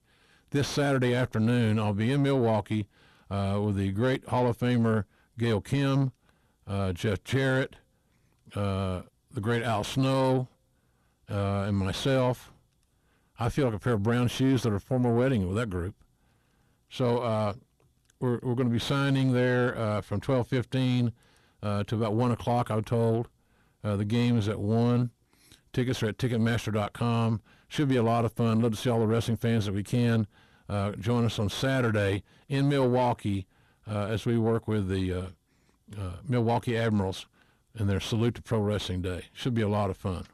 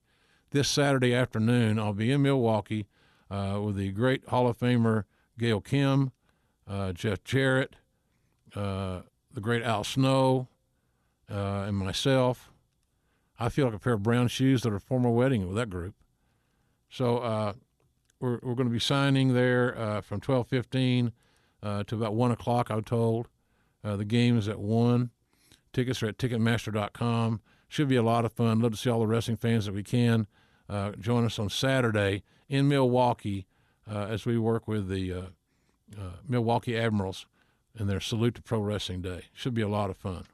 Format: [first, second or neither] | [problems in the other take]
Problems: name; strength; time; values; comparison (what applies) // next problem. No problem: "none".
second | distortion; slight; 10 dB below the speech